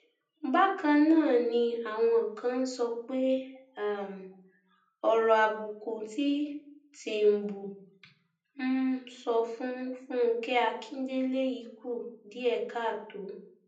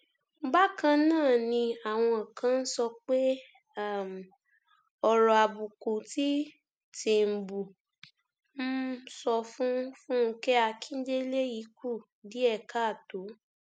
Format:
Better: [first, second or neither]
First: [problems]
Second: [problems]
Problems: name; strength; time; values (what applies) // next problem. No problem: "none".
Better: second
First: room echo; dies away in 0.6 s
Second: none